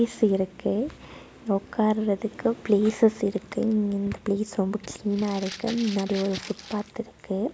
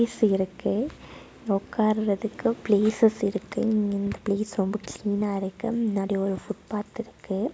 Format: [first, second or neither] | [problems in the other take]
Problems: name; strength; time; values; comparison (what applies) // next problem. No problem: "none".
second | background sound (Rattle (instrument)); 15 dB below the speech